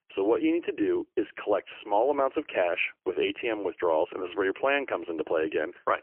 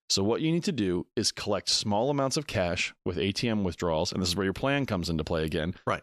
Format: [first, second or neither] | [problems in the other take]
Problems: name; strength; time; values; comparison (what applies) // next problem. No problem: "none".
second | phone-call audio; poor line; nothing above 3 kHz